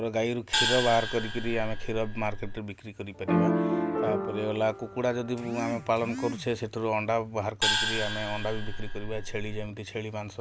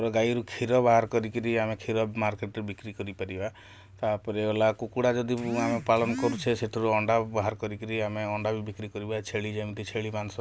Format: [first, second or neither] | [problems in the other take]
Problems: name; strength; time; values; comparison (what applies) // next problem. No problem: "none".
second | background sound (Piano + Gong); as loud as the speech